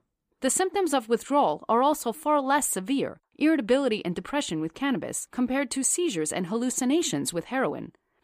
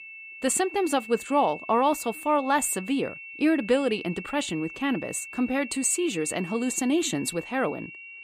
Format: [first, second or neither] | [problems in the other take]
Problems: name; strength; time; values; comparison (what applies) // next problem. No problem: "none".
first | high-pitched whine; noticeable; throughout; 2.5 kHz, 15 dB below the speech